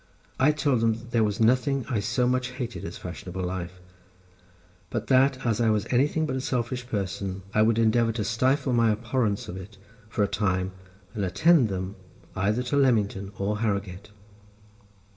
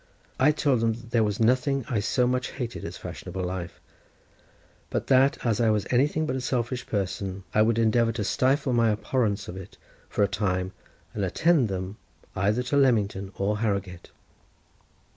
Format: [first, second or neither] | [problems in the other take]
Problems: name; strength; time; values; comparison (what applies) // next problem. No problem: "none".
second | room echo; dies away in 0.3 s